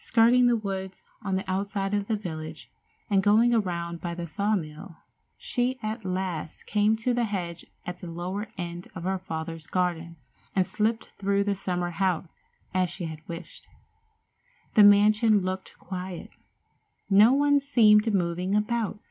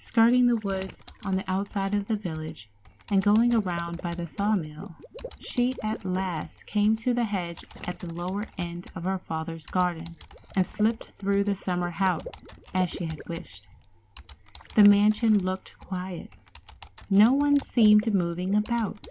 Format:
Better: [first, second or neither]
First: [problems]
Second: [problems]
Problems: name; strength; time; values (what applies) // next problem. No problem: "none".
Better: first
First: none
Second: background sound (Computer keyboard + Water / Liquid); 19 dB below the speech